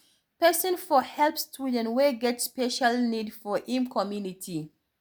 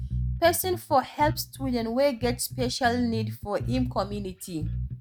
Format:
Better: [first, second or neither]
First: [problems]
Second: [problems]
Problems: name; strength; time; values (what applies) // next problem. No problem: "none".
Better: first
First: none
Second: noise reduction (neural mask model RNNoise)